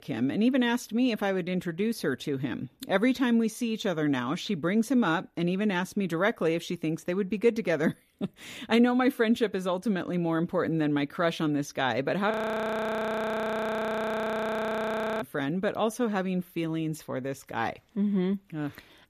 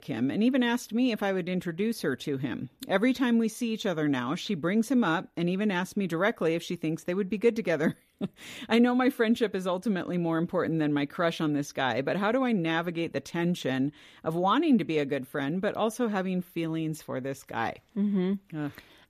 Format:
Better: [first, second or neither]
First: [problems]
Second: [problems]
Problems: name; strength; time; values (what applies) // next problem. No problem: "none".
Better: second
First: audio freezing; at 12 s for 3 s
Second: none